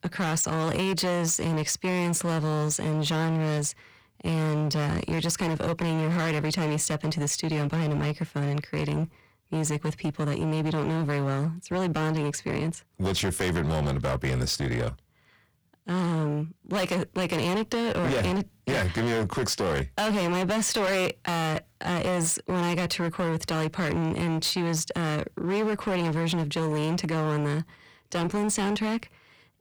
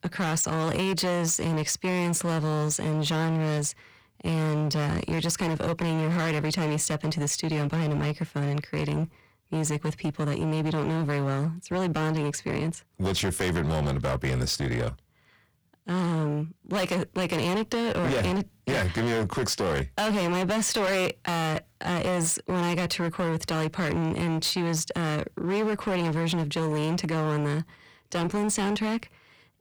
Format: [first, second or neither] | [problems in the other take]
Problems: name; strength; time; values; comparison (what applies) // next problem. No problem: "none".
neither | distortion; heavy; 24% of the sound clipped; the same in both